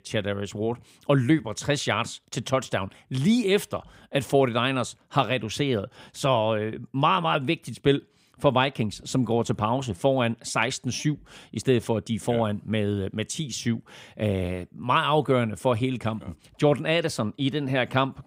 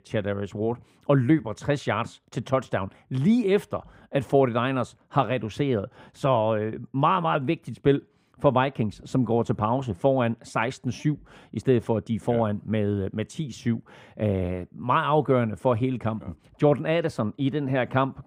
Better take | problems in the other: first | muffled; slightly; fading above 2.5 kHz

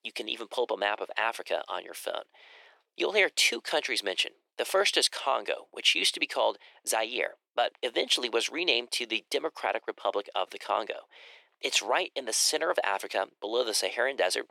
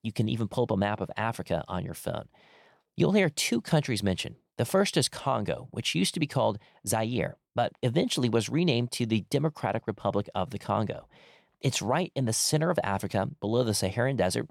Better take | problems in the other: second | thin; very; fading below 350 Hz

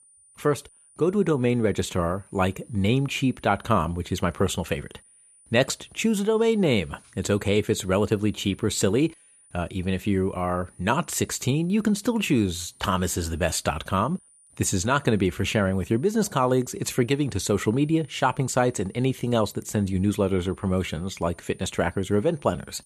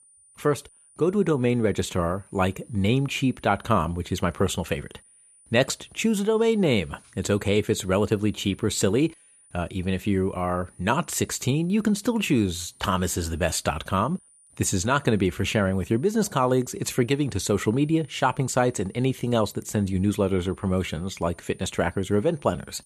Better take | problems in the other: neither | high-pitched whine; faint; throughout; 9.5 kHz, 30 dB below the speech; the same in both

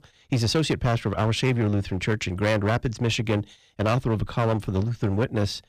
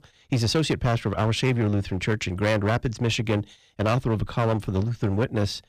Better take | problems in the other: neither | distortion; slight; 11% of the sound clipped; the same in both

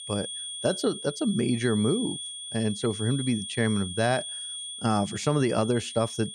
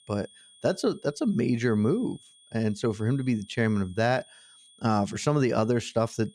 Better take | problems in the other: second | high-pitched whine; loud; throughout; 3.5 kHz, 8 dB below the speech; faint in the second

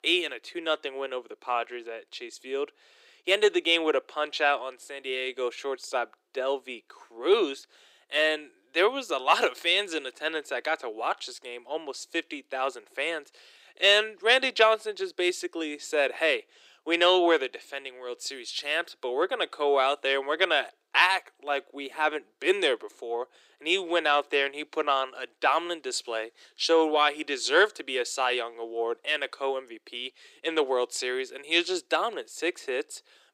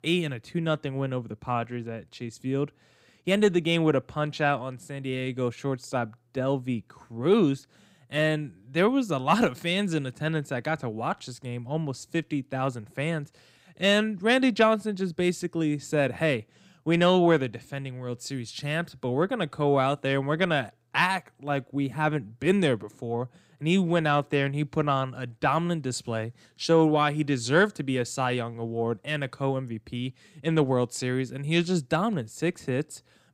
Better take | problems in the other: second | thin; very; fading below 350 Hz

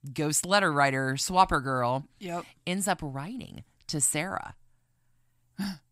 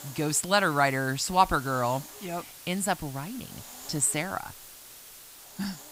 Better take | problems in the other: first | hiss; noticeable; throughout; 15 dB below the speech

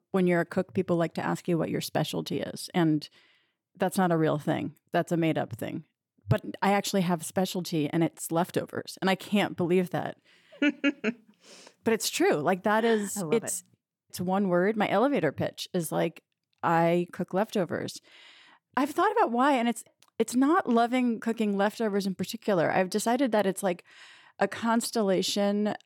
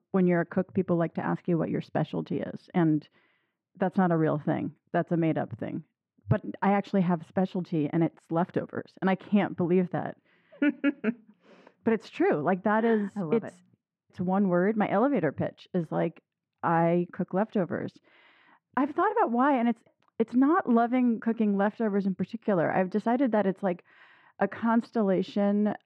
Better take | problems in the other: first | muffled; very; fading above 1.5 kHz

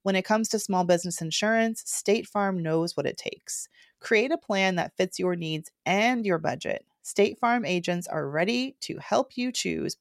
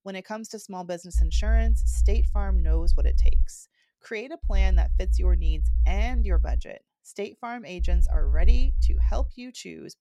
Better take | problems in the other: first | low rumble; noticeable; from 1 to 3.5 s, from 4.5 to 6.5 s and from 8 to 9.5 s; 10 dB below the speech

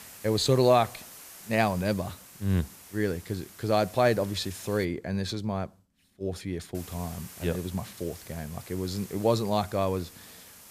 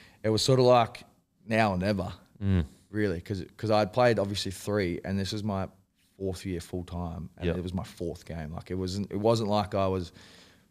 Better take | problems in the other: second | hiss; noticeable; until 5 s and from 7 s on; 15 dB below the speech

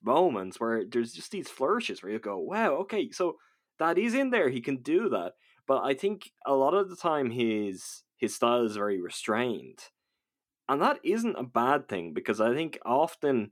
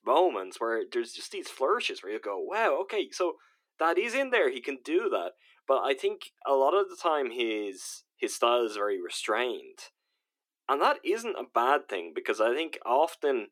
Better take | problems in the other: first | thin; somewhat; fading below 350 Hz

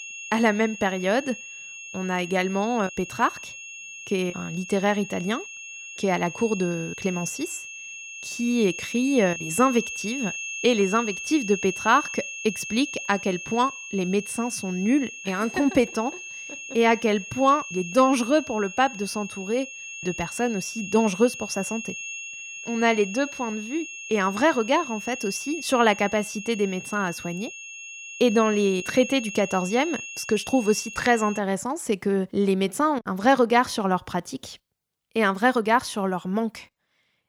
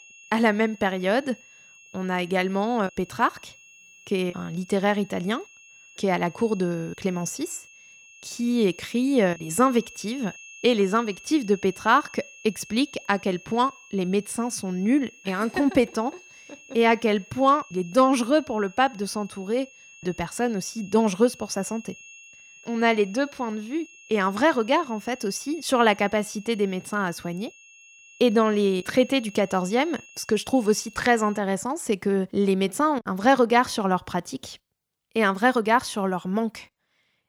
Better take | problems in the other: second | high-pitched whine; loud; until 31 s; 2.5 kHz, 10 dB below the speech; faint in the second

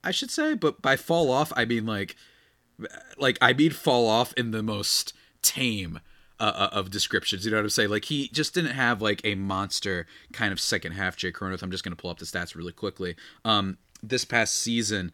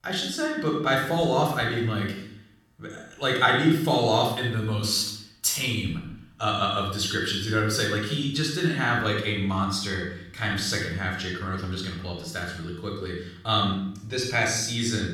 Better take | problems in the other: first | off-mic speech; somewhat distant // room echo; noticeable; dies away in 0.6 s

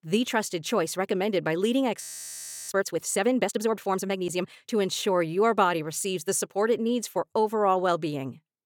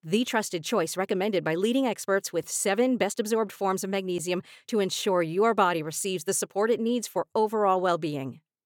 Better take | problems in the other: second | audio freezing; at 2 s for 0.5 s

